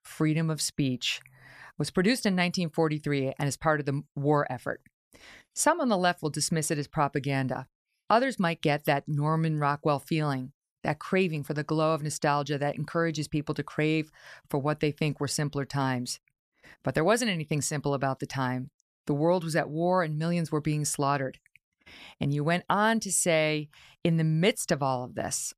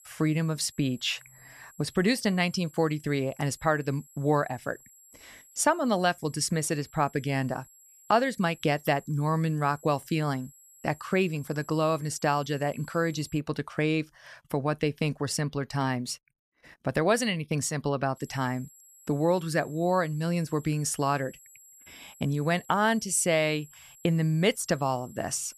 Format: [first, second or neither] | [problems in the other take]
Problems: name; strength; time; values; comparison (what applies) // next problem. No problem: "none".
first | high-pitched whine; faint; until 13 s and from 18 s on; 7.5 kHz, 25 dB below the speech